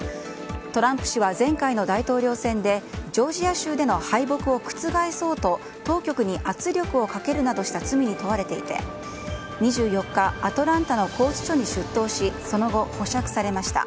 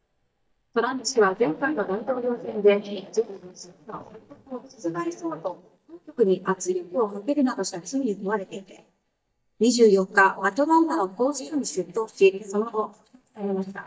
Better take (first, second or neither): first